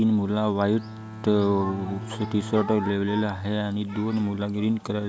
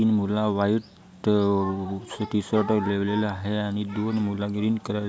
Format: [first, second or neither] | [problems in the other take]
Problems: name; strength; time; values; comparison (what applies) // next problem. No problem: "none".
second | background sound (Bowed string instrument); 13 dB below the speech